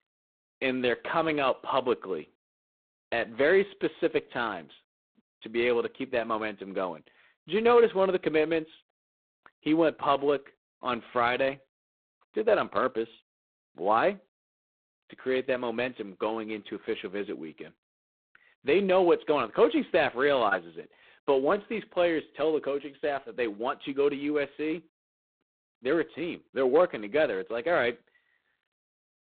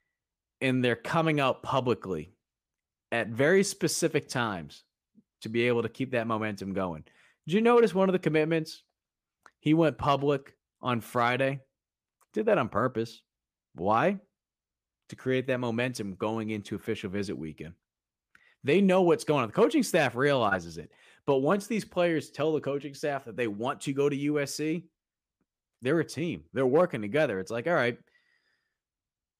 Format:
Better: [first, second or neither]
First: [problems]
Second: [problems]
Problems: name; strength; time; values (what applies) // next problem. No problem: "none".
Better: second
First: phone-call audio; poor line; nothing above 4 kHz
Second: none